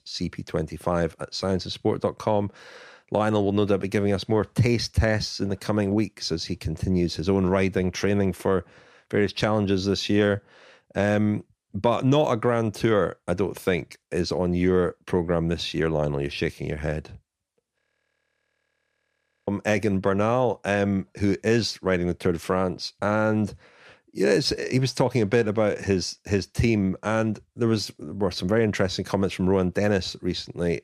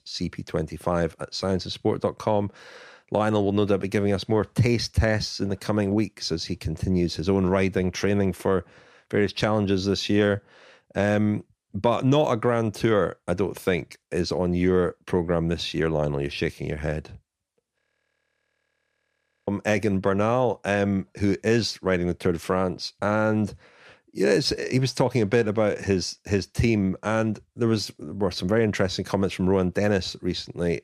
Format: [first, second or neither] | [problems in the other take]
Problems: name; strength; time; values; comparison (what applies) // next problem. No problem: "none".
neither | audio freezing; at 18 s for 1.5 s; the same in both